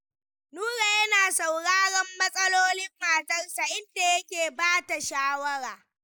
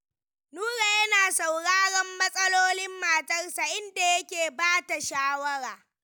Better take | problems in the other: second | noise reduction (neural mask model Resemble Enhance denoiser)

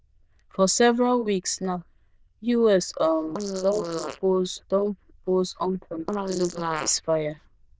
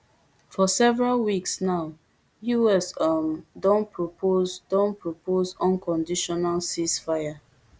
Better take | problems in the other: second | noise reduction (neural diffusion model UNIVERSE++)

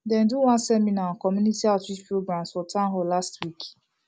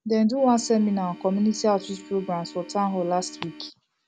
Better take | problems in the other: first | background sound (Organ); 20 dB below the speech

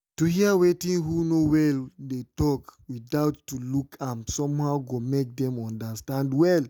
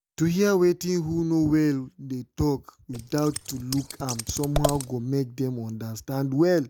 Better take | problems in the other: first | background sound (Scissors); 7 dB below the speech

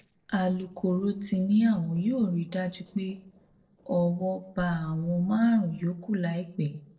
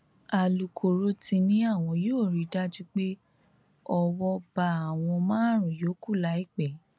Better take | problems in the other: second | noise reduction (neural separator model SepFormer DNS4)

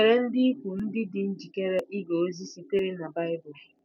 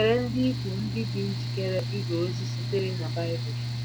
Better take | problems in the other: first | background sound (Mechanical fan); 1 dB below the speech

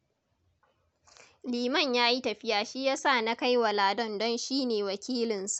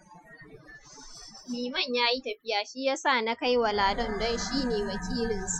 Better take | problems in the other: first | noise reduction (classical method Wiener filter)

